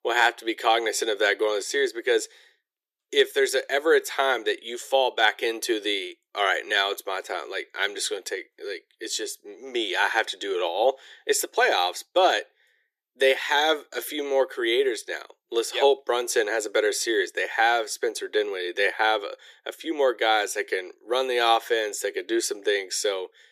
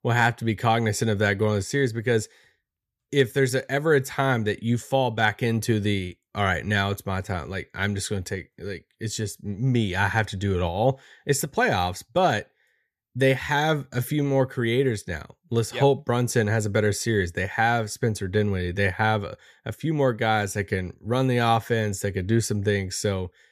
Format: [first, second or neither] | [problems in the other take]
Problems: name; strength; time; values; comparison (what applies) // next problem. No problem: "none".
second | thin; very; fading below 350 Hz